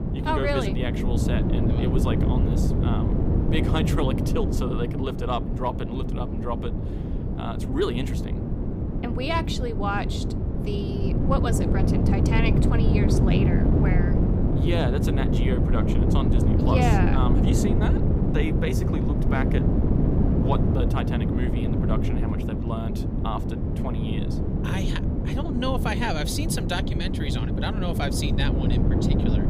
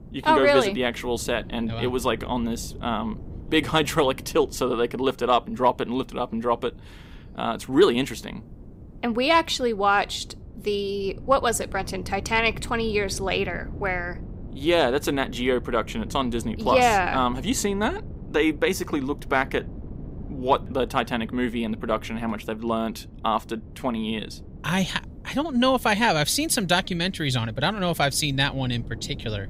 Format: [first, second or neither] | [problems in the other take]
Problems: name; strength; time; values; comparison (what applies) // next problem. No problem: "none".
second | wind noise on the microphone; heavy; 1 dB below the speech; occasional gusts in the second